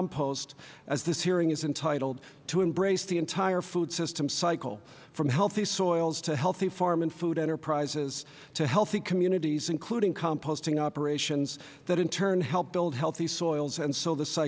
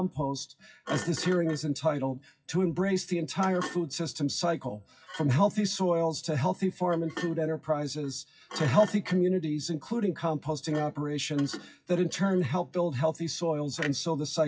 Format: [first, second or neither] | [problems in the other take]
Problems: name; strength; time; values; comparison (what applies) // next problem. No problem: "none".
first | noise reduction (classical method WPE with log-MMSE)